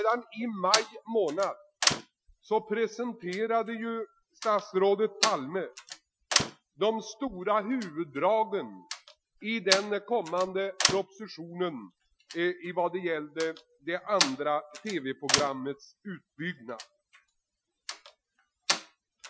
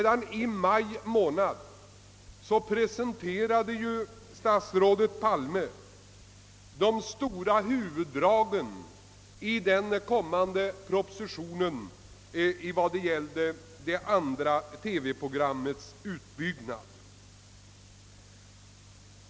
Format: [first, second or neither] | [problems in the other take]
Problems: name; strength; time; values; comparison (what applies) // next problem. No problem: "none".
second | noise reduction (classical method Wiener filter)